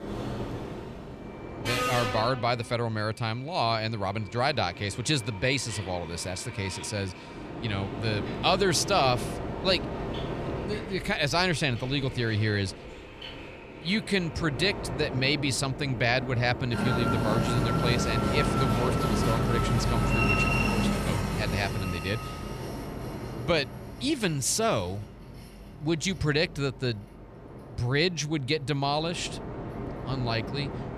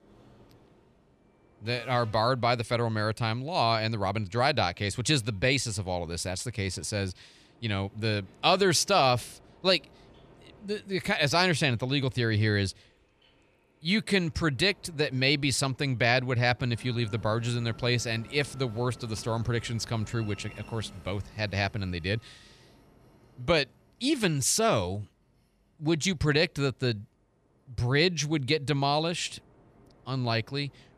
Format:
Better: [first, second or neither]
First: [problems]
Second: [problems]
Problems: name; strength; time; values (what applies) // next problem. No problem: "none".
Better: second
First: train or aircraft noise; loud; throughout; 3 dB below the speech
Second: train or aircraft noise; faint; throughout; 25 dB below the speech